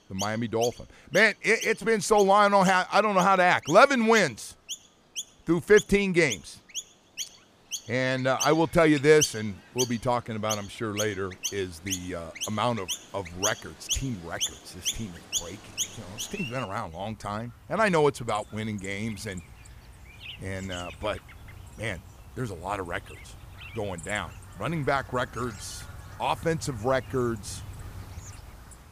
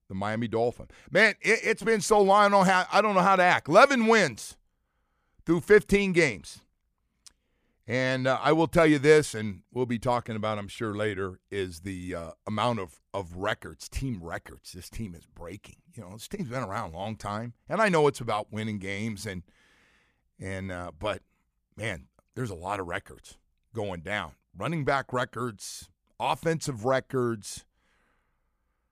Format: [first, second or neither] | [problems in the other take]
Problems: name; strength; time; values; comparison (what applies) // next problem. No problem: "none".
second | animal sounds; noticeable; throughout; 10 dB below the speech